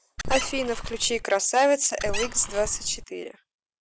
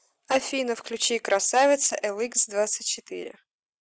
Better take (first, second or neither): second